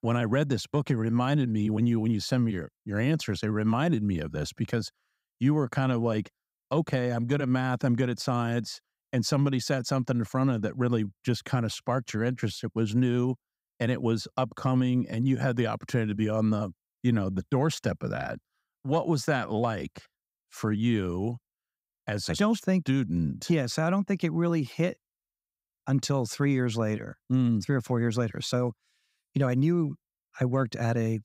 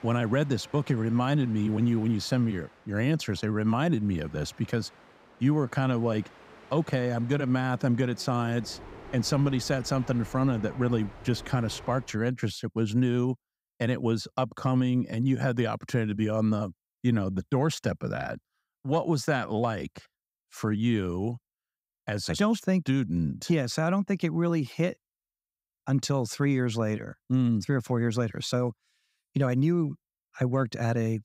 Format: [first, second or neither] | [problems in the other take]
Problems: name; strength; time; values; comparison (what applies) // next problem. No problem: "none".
first | train or aircraft noise; faint; until 12 s; 20 dB below the speech